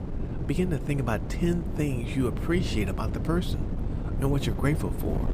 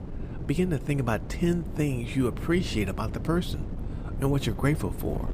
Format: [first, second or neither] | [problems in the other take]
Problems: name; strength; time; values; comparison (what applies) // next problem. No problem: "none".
second | wind noise on the microphone; heavy; 8 dB below the speech; occasional gusts in the second